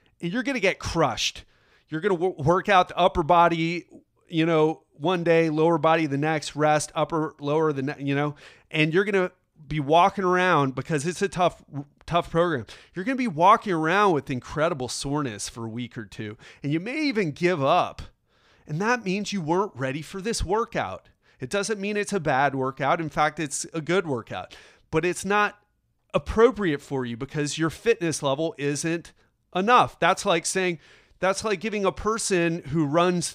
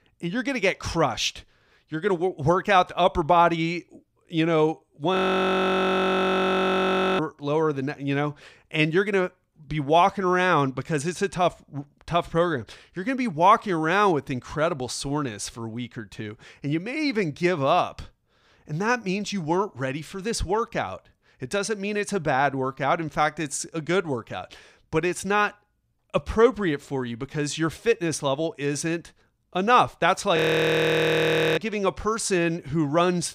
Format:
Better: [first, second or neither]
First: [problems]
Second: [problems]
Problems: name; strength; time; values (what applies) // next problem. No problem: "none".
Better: first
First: none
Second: audio freezing; at 5 s for 2 s and at 30 s for 1 s